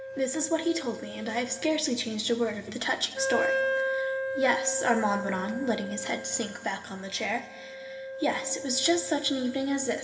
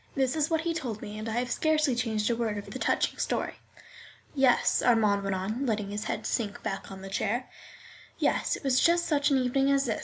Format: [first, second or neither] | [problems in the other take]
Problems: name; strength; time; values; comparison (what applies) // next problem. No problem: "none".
second | background sound (Wind instrument, woodwind instrument); 5 dB below the speech // room echo; dies away in 1.9 s